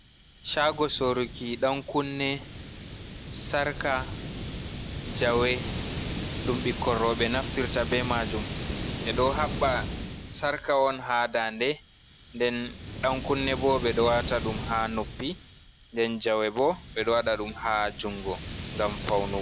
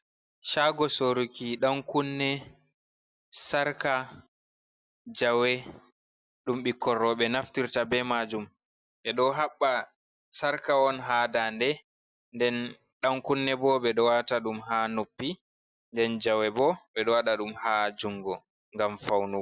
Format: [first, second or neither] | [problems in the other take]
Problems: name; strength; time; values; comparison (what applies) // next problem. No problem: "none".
second | background sound (Hiss); 7 dB below the speech